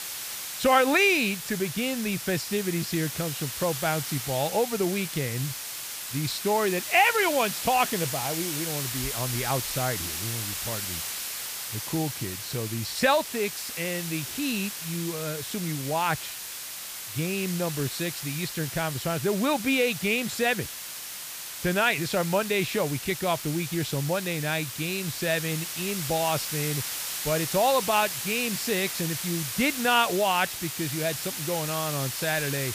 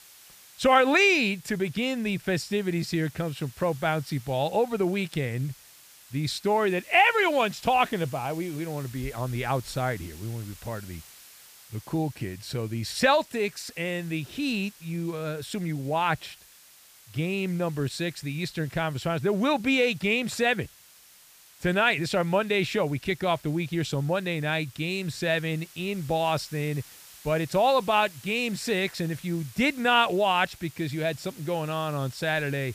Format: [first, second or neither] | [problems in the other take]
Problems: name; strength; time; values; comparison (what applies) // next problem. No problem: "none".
second | hiss; loud; throughout; 5 dB below the speech; faint in the second